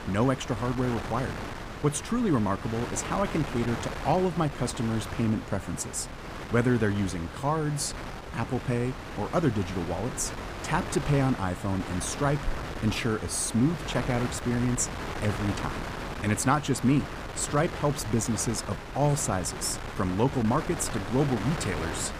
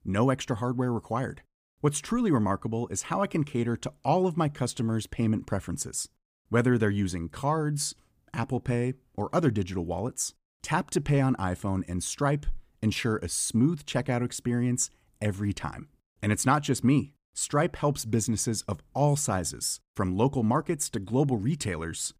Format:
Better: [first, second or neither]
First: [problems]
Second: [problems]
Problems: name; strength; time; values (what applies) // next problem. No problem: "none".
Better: second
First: wind noise on the microphone; heavy; 6 dB below the speech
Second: none